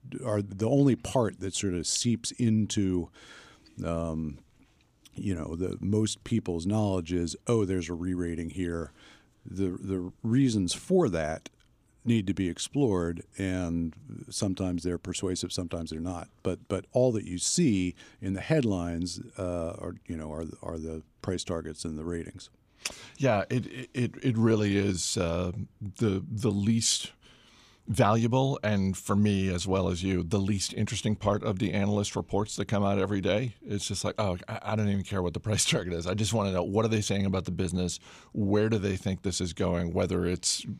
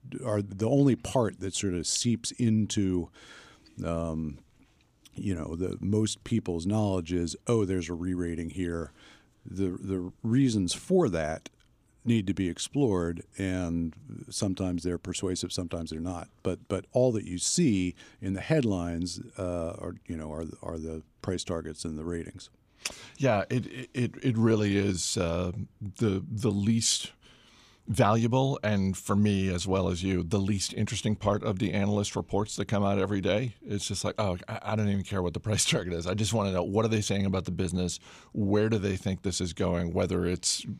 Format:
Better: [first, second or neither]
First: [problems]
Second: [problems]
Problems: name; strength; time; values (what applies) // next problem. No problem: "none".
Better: neither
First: none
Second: none